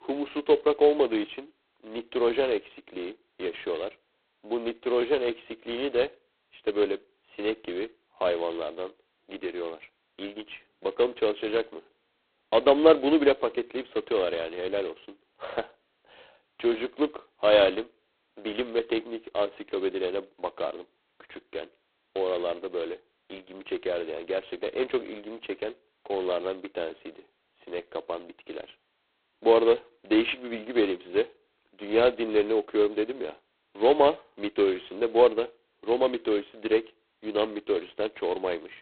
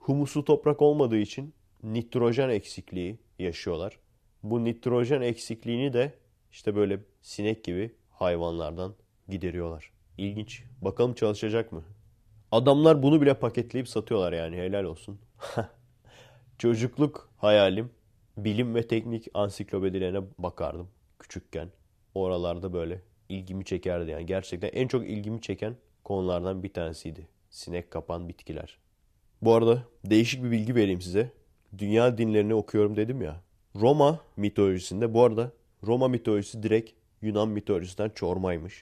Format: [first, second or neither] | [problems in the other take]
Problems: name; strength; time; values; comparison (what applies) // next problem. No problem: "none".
second | phone-call audio; poor line; nothing above 4 kHz